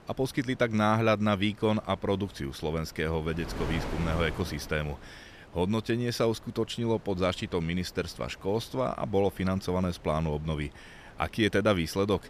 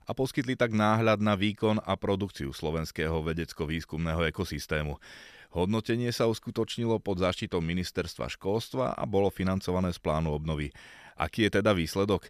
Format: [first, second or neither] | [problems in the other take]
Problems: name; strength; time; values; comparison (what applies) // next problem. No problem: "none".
second | wind noise on the microphone; occasional gusts; 15 dB below the speech